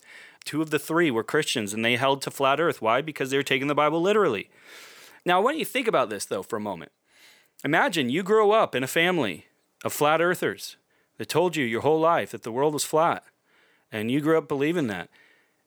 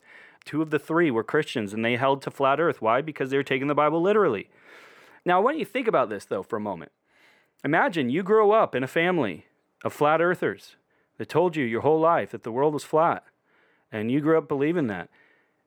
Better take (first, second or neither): first